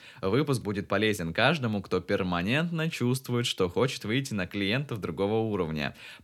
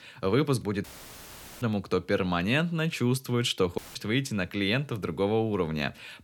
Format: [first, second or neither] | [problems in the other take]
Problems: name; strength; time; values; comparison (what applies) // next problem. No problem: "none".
first | audio cutting out; filled with static; at 1 s for 1 s and at 4 s